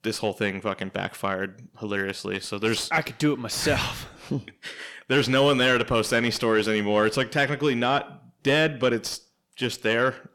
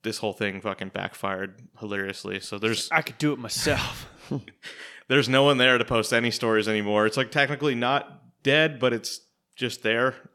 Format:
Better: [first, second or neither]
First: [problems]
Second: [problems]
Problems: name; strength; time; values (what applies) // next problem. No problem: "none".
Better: second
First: distortion; slight; 10 dB below the speech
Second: none